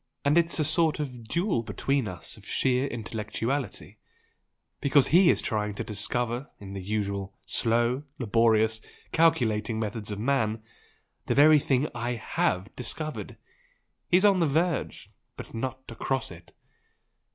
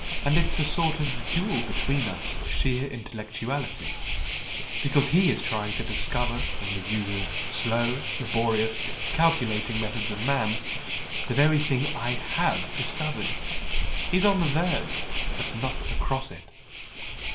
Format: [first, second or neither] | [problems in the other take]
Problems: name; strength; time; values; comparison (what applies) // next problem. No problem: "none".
first | background sound (Waves, surf); as loud as the speech // room echo; dies away in 1.2 s